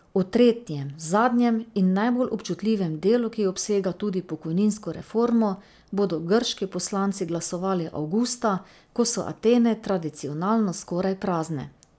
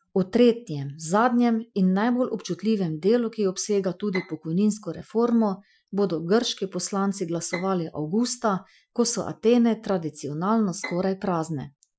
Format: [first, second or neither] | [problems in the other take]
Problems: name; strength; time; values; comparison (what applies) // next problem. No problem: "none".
first | noise reduction (classical method Wiener filter)